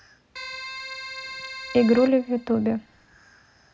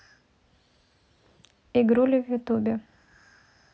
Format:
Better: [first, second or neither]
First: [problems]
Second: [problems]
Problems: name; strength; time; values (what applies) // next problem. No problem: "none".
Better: second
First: background sound (Keyboard (musical)); 12 dB below the speech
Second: none